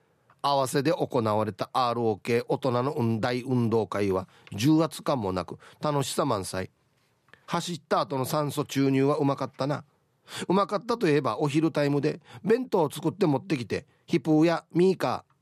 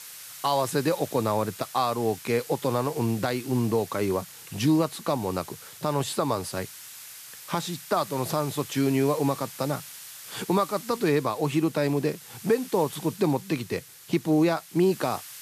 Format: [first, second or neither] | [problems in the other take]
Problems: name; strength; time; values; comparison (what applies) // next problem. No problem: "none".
first | hiss; noticeable; throughout; 15 dB below the speech